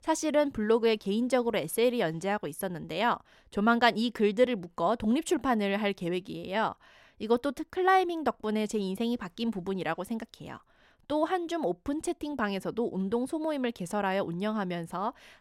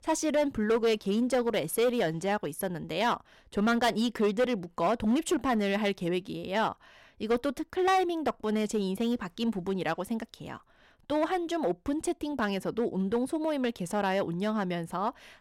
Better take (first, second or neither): first